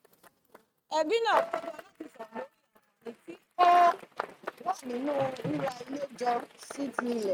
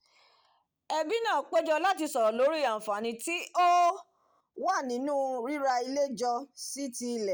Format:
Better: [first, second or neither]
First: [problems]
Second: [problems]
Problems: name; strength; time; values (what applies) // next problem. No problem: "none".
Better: second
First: noise reduction (neural mask model RNNoise)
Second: none